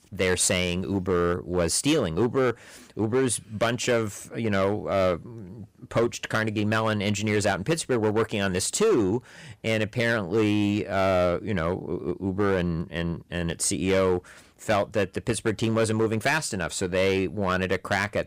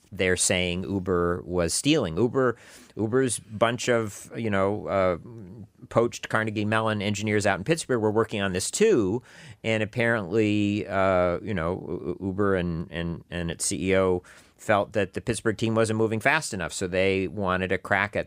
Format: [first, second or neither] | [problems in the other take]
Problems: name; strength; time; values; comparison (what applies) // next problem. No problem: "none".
second | distortion; slight; 7% of the sound clipped